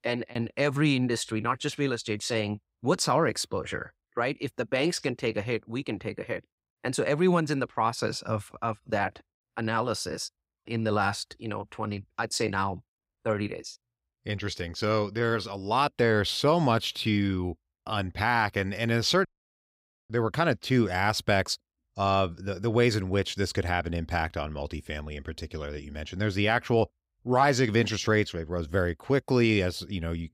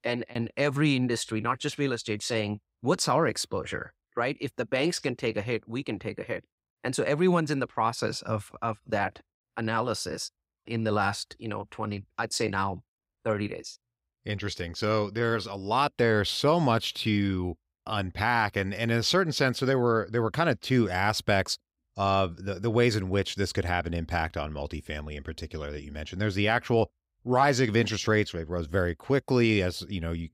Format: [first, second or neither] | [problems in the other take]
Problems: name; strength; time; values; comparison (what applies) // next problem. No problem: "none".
second | audio cutting out; at 19 s for 1 s